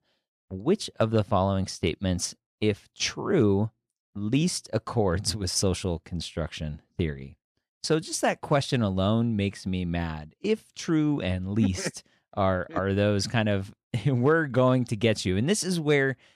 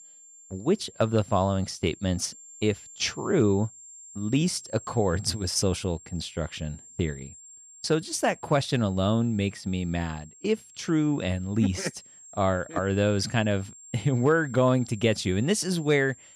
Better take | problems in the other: first | high-pitched whine; noticeable; throughout; 7.5 kHz, 20 dB below the speech

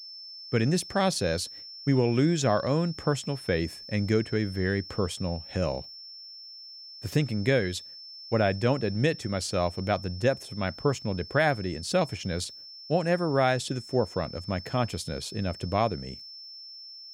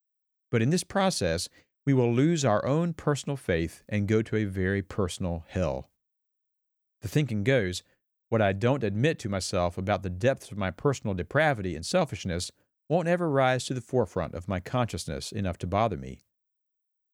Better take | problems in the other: second | high-pitched whine; noticeable; throughout; 5.5 kHz, 15 dB below the speech

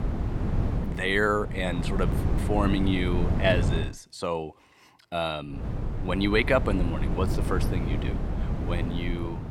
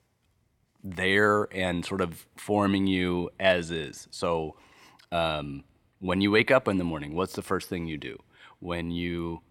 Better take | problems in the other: second | wind noise on the microphone; heavy; until 4 s and from 5.5 s on; 9 dB below the speech

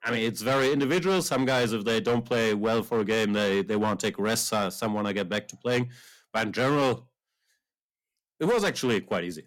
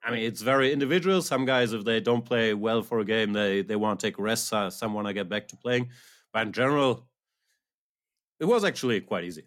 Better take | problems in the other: second | distortion; slight; 11% of the sound clipped

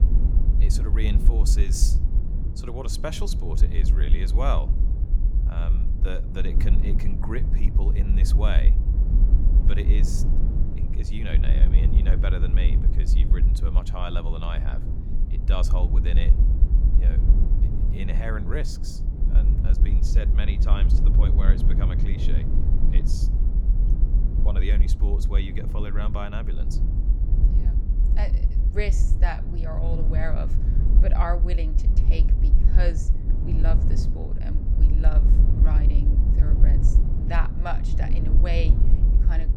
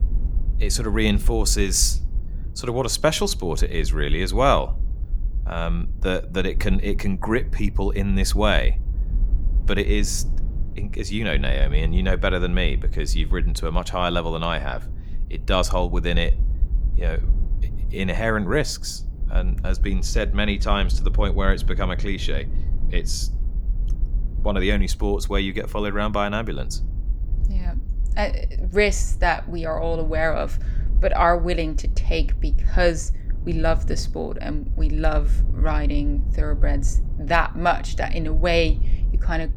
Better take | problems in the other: second | low rumble; loud; throughout; 5 dB below the speech; faint in the second

